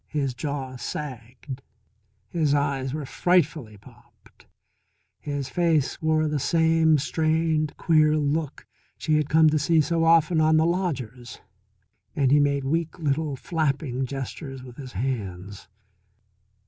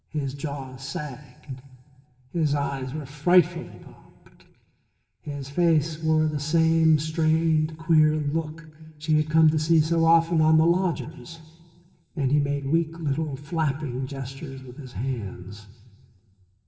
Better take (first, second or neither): first